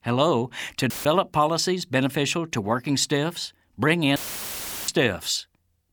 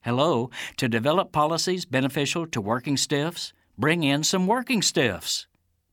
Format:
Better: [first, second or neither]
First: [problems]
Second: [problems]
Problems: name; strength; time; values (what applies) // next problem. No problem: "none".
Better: second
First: audio cutting out; filled with static; at 1 s and at 4 s for 0.5 s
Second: none